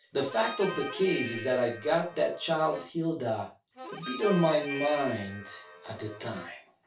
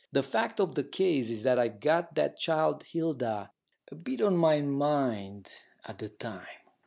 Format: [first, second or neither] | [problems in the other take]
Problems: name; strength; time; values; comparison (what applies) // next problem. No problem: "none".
second | background sound (Harmonica); 11 dB below the speech // room echo; dies away in 0.3 s